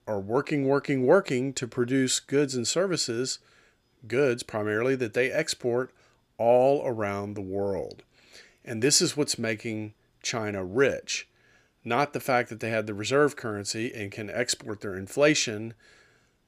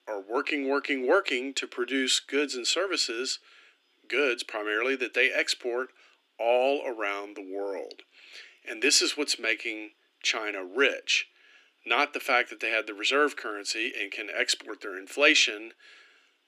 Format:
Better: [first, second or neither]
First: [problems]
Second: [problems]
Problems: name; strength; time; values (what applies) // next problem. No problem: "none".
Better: first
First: none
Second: thin; very slightly; fading below 250 Hz